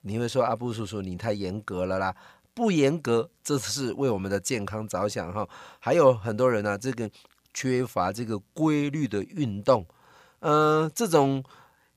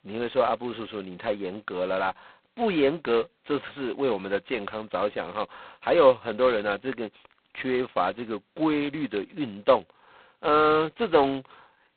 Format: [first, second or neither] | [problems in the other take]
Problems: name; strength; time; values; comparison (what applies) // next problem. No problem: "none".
first | phone-call audio; poor line; nothing above 4 kHz